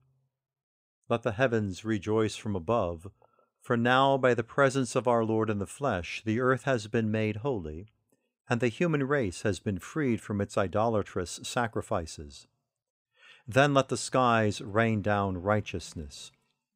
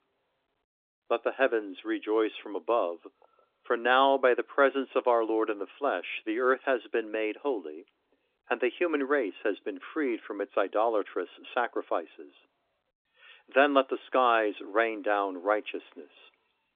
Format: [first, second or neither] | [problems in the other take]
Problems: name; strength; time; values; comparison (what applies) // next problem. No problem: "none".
first | phone-call audio; nothing above 3.5 kHz